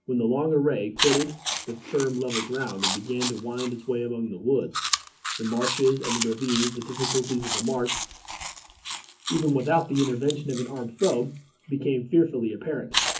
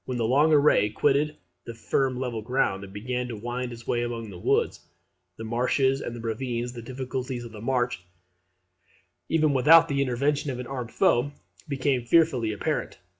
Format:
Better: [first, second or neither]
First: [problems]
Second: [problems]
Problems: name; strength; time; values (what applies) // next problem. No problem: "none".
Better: second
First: background sound (Chewing, mastication); 6 dB below the speech // room echo; dies away in 0.4 s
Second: none